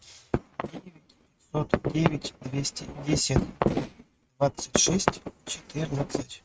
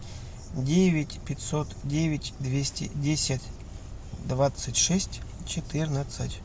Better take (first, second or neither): second